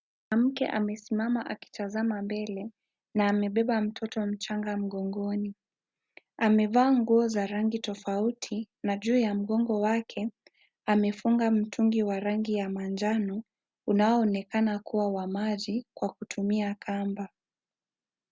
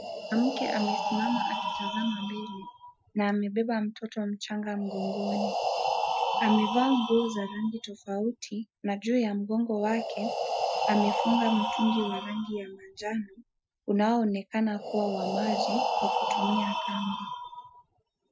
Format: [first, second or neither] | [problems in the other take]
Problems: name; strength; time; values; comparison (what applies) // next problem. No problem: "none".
first | noise reduction (classical method Wiener filter)